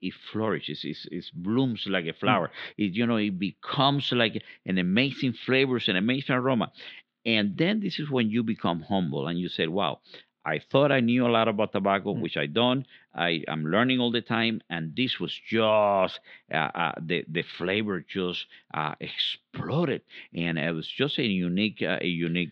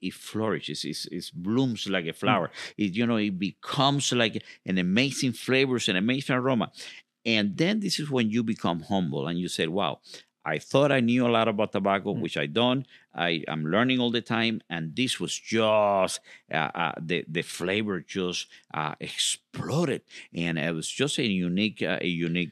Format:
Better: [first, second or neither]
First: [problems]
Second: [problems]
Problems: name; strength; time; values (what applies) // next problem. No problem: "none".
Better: second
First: muffled; slightly; fading above 4 kHz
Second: none